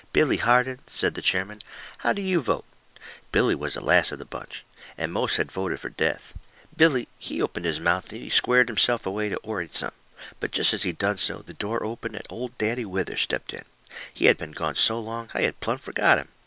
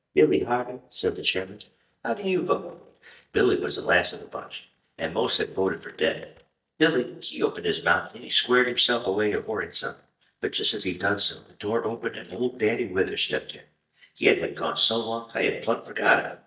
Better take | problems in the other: first | noise reduction (neural mask model DeepFilterNet 3)

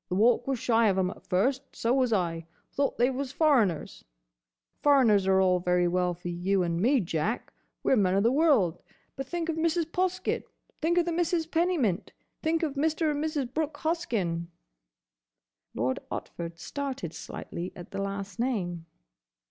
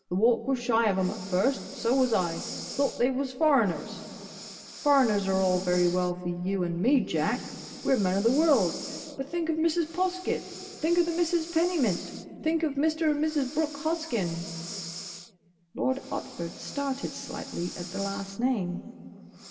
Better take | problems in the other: first | background sound (Breathing); 16 dB below the speech // room echo; dies away in 2.5 s

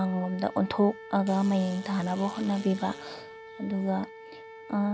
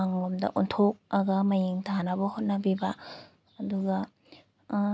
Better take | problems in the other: second | background sound (Wind instrument, woodwind instrument + Fart); 15 dB below the speech

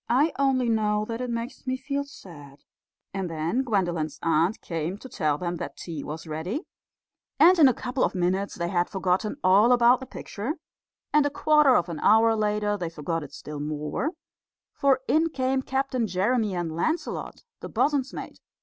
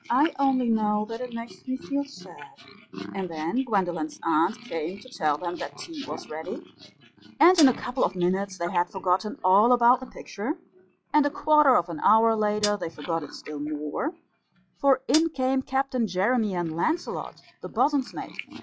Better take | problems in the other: first | noise reduction (classical method log-MMSE)

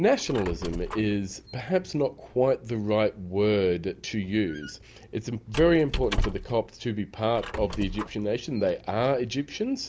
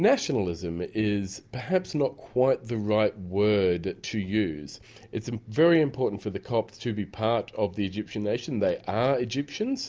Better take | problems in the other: second | background sound (Squeak); 11 dB below the speech

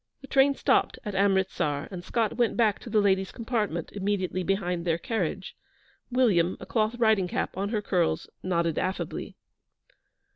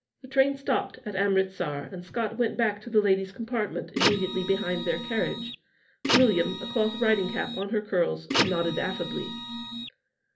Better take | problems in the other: first | background sound (Printer); 3 dB below the speech // room echo; dies away in 0.3 s

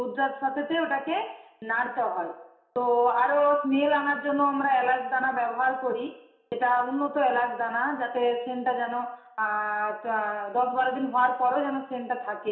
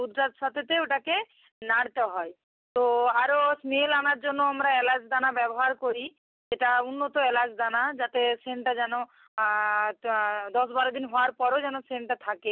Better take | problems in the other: second | room echo; dies away in 0.7 s

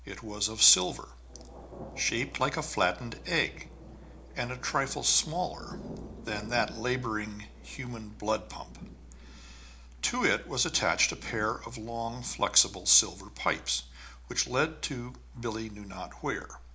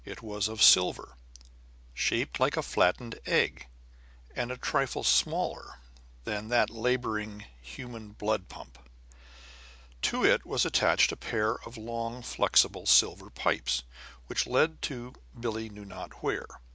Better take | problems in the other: second | background sound (Thunder / Rain); 19 dB below the speech // room echo; dies away in 0.4 s

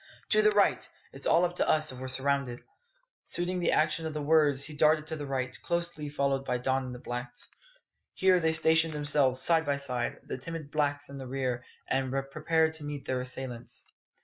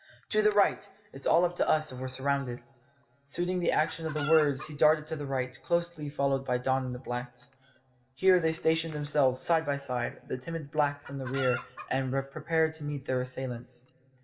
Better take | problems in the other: first | background sound (Chicken, rooster); 10 dB below the speech // room echo; dies away in 1.1 s

